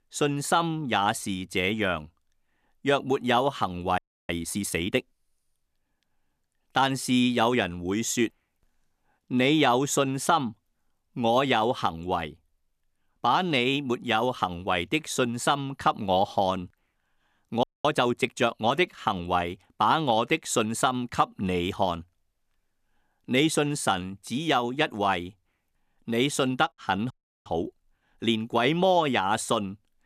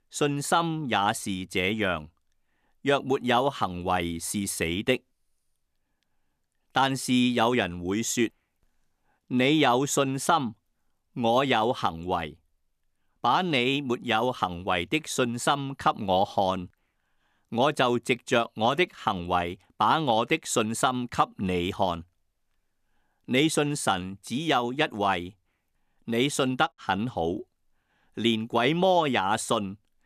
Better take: second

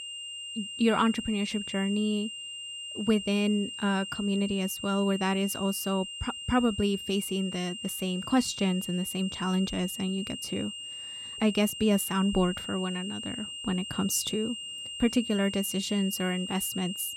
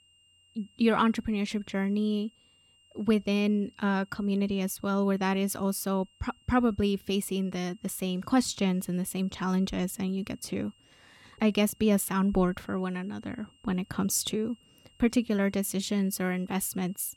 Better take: second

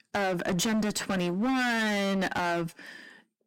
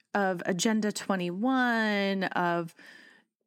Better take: second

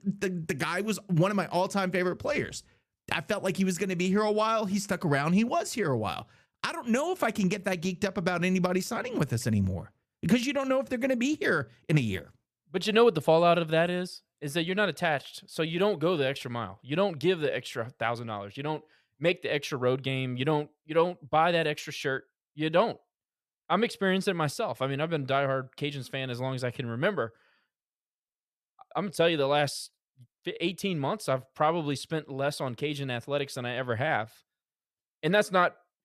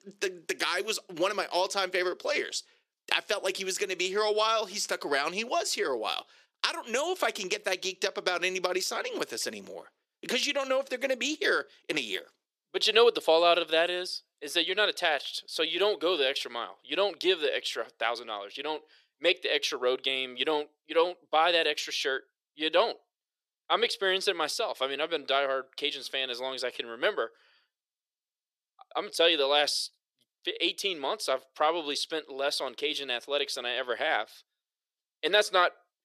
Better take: first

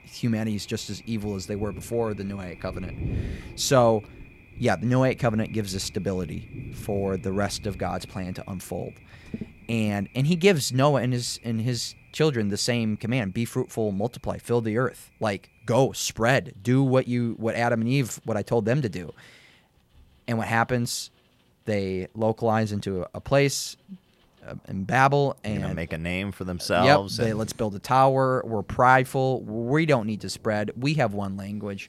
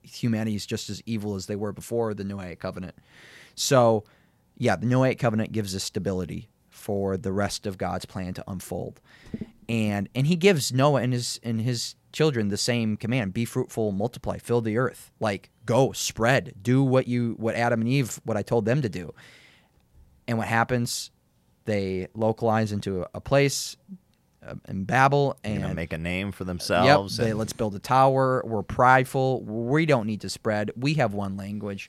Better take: second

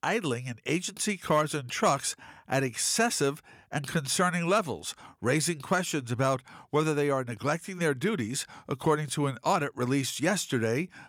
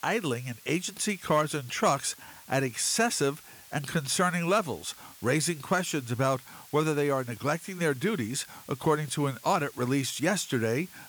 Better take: first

